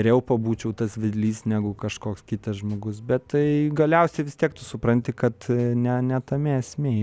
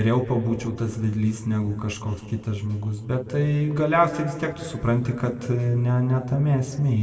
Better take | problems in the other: first | room echo; dies away in 2 s

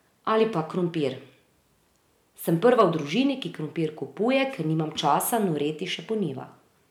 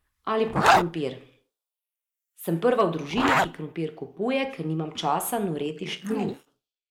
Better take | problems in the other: first | noise reduction (neural mask model Resemble Enhance denoiser)

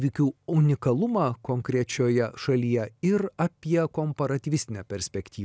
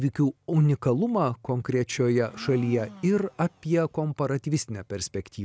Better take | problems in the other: first | background sound (Domestic sounds, home sounds); 19 dB below the speech

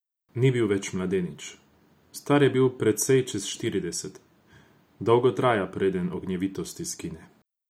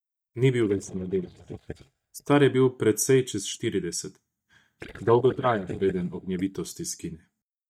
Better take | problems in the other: first | noise reduction (neural mask model DeepFilterNet 3)

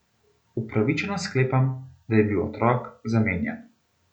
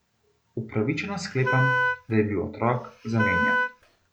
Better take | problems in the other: first | background sound (Wind instrument, woodwind instrument); as loud as the speech

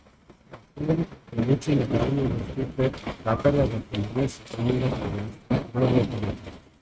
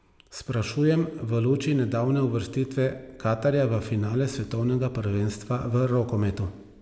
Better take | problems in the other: second | noise reduction (neural mask model RNNoise)

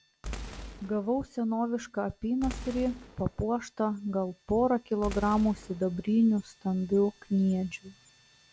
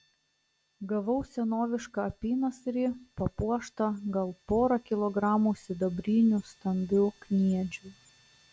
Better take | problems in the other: second | background sound (Boom); 14 dB below the speech

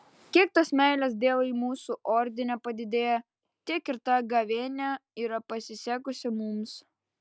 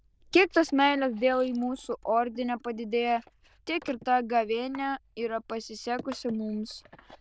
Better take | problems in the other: first | noise reduction (neural diffusion model UNIVERSE++)

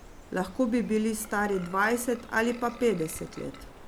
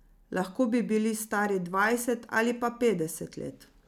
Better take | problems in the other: second | background sound (Bird + Burping, eructation); 17 dB below the speech

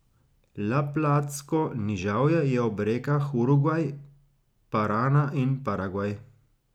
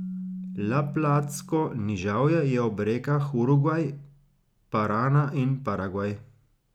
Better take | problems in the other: first | background sound (Keyboard (musical)); 16 dB below the speech

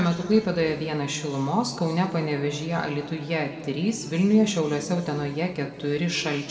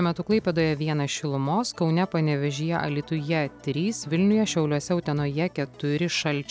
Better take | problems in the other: second | room echo; dies away in 1.7 s

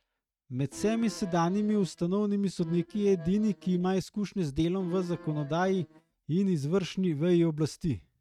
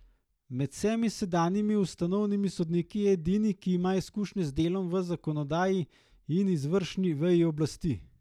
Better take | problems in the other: second | noise reduction (neural mask model RNNoise)

